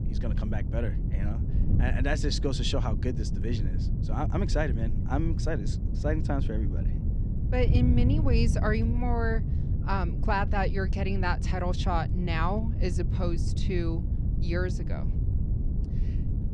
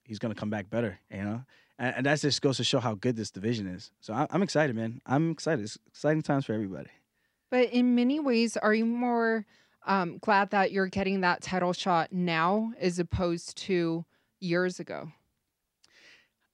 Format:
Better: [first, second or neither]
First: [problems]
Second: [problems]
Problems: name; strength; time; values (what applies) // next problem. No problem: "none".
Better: second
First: wind noise on the microphone; heavy; 9 dB below the speech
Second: none